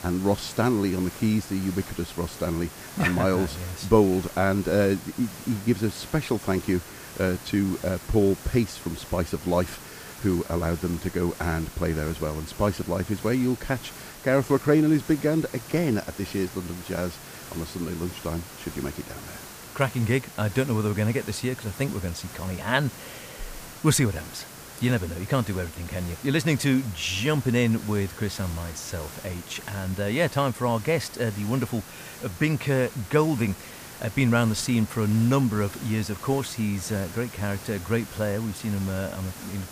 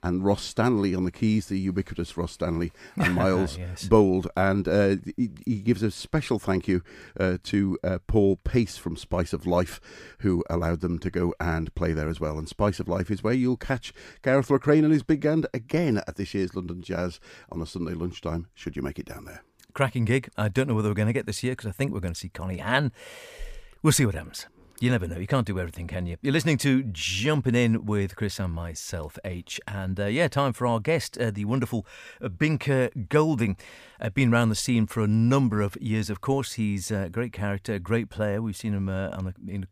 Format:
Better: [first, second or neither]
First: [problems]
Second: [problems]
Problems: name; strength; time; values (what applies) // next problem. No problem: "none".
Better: second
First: hiss; noticeable; throughout; 15 dB below the speech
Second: none